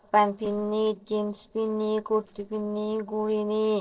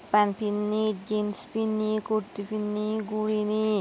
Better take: second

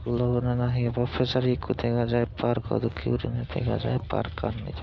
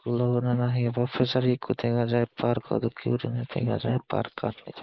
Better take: first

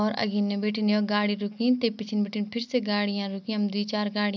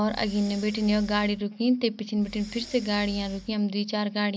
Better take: first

